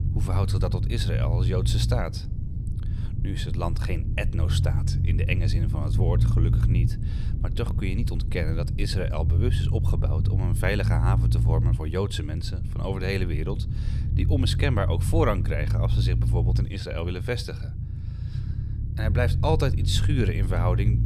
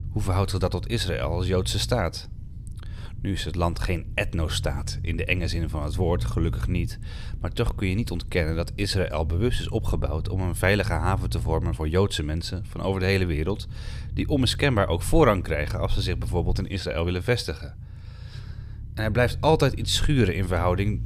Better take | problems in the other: second | low rumble; loud; throughout; 8 dB below the speech; faint in the second

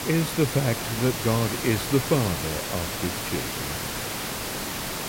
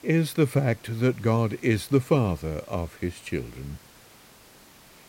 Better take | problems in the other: second | hiss; loud; throughout; 3 dB below the speech; faint in the second

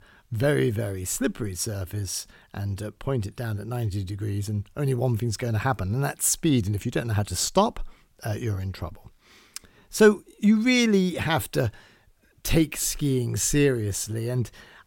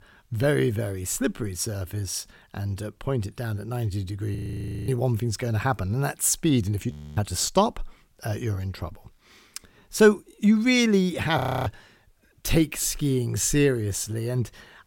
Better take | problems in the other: first | audio freezing; at 4.5 s for 0.5 s, at 7 s and at 11 s

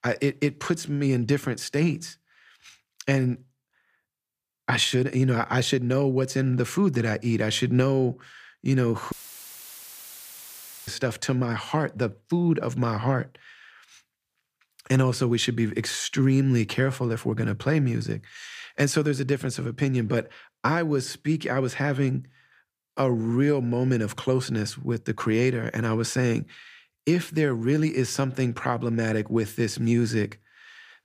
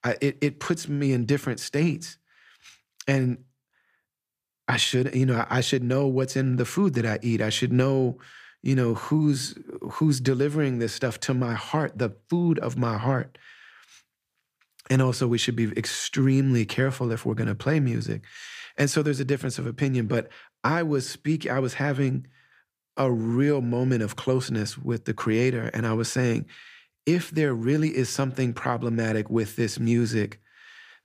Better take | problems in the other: second | audio cutting out; filled with static; at 9 s for 2 s

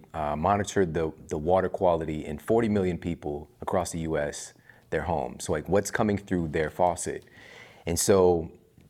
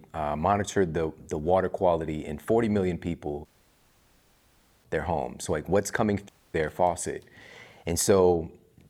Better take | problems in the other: first | audio cutting out; at 3.5 s for 1.5 s and at 6.5 s

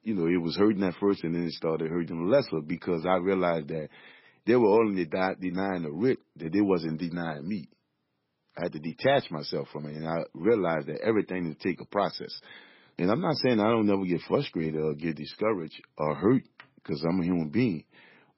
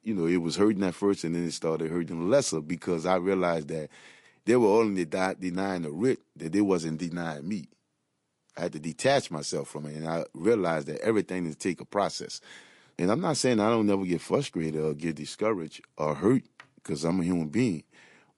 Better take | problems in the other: second | garbled, watery; badly; nothing above 5.5 kHz; slightly in the second

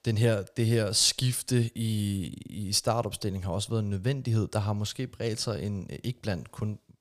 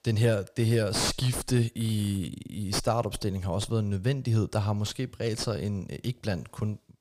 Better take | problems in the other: first | distortion; slight; 4 dB below the speech

